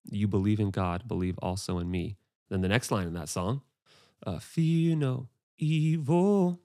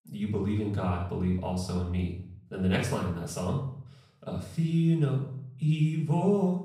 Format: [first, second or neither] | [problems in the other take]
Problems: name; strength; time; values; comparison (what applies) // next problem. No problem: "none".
first | off-mic speech; far // room echo; noticeable; dies away in 0.5 s